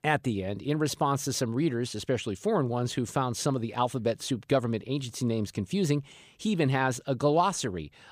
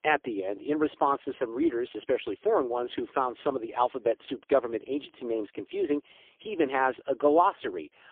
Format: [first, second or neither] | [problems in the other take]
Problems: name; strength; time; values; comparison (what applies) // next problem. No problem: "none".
first | phone-call audio; poor line; nothing above 3.5 kHz